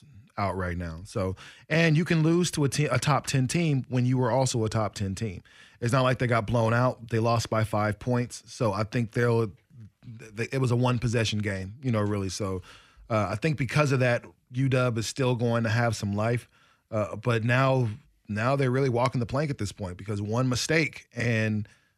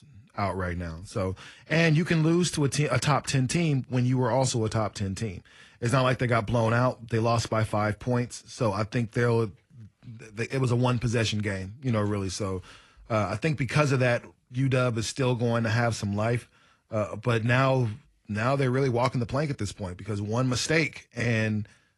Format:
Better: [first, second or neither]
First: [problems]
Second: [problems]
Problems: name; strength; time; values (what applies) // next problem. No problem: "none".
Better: first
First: none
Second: garbled, watery; slightly; nothing above 11 kHz